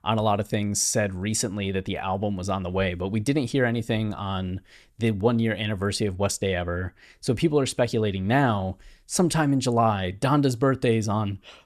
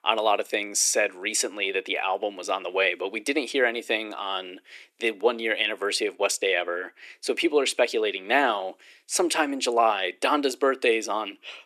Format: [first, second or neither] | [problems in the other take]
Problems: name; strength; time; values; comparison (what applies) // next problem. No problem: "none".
first | thin; very; fading below 300 Hz